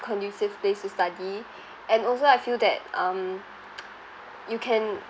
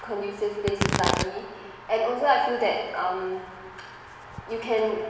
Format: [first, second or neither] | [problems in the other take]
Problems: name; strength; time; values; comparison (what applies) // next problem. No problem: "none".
first | background sound (Tearing); 7 dB below the speech // room echo; dies away in 1.2 s